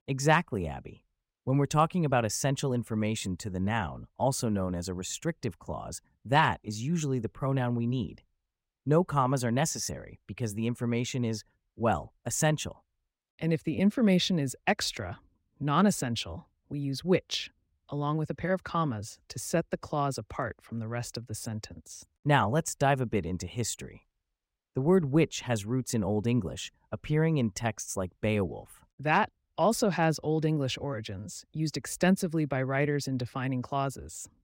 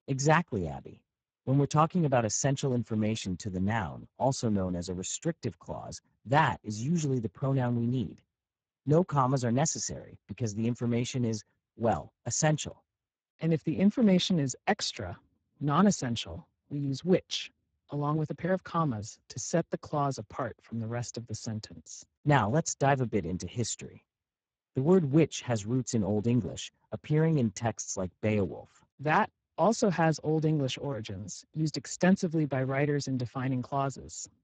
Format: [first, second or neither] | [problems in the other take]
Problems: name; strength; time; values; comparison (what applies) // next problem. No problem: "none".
first | garbled, watery; badly; nothing above 7.5 kHz